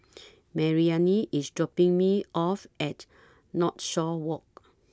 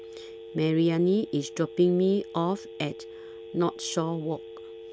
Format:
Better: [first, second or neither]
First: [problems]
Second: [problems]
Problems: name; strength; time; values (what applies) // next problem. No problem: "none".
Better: first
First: none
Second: background sound (Telephone); 15 dB below the speech